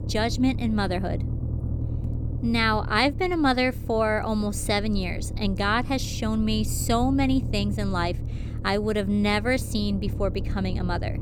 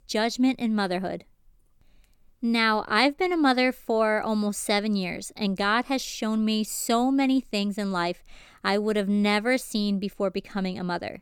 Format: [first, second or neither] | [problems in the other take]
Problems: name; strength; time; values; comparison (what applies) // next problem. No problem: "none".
second | low rumble; noticeable; throughout; 15 dB below the speech